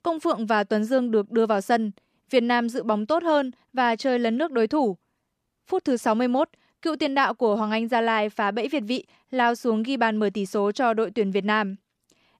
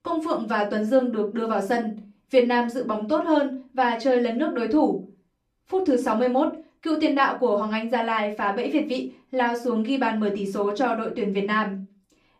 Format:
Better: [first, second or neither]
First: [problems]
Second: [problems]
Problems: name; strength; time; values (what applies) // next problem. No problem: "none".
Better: first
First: none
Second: off-mic speech; far // room echo; very slight; dies away in 0.3 s